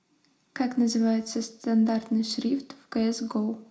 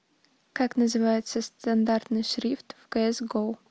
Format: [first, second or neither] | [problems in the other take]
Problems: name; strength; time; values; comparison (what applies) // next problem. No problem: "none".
second | room echo; dies away in 0.4 s